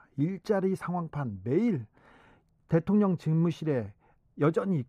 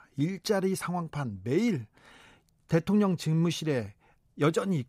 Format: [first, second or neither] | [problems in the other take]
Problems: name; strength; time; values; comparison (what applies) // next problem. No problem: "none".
second | muffled; slightly; fading above 2.5 kHz